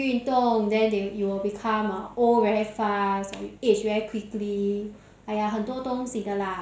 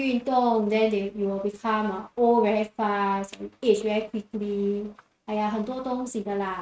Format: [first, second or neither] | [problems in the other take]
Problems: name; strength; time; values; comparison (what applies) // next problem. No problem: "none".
first | noise reduction (neural mask model RNNoise)